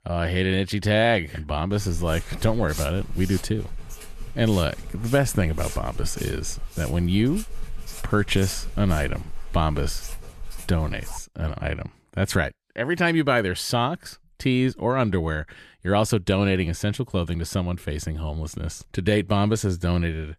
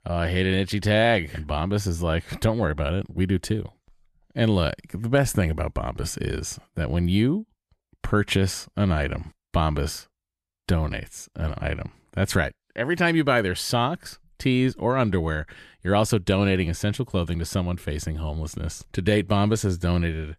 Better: second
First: footsteps; noticeable; from 1.5 to 11 s; peak 10 dB below the speech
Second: none

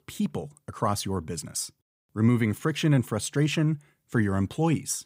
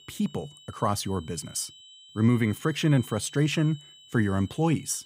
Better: first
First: none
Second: high-pitched whine; faint; throughout; 3 kHz, 20 dB below the speech

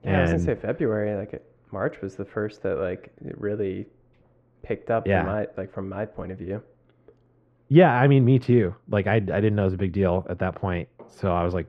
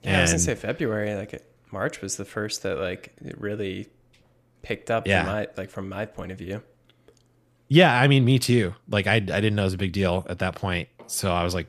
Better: second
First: muffled; very; fading above 4 kHz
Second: none

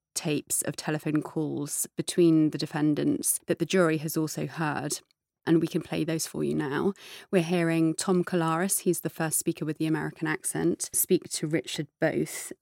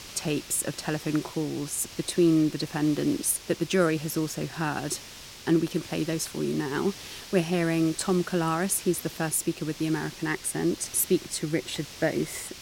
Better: first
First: none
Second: hiss; noticeable; throughout; 15 dB below the speech

